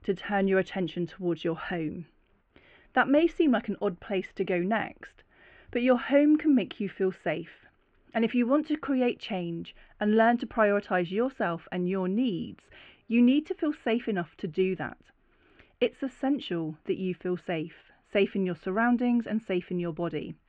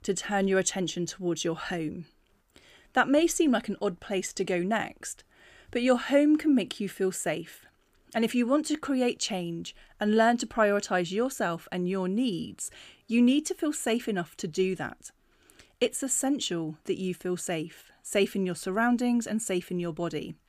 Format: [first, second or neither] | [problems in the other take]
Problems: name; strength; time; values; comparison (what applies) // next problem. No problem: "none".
second | muffled; very; fading above 2.5 kHz